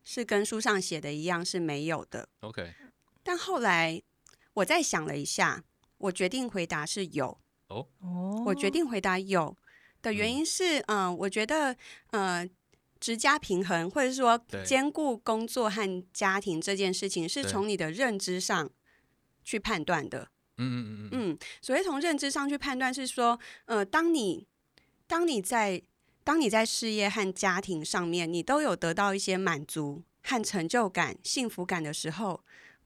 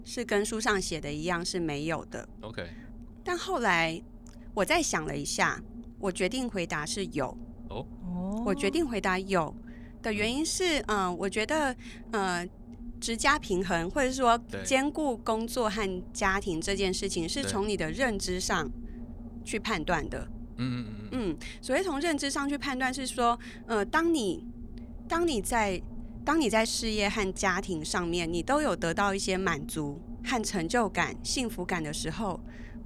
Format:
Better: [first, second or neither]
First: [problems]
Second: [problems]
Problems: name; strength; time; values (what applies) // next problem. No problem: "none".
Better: first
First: none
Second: low rumble; faint; throughout; 25 dB below the speech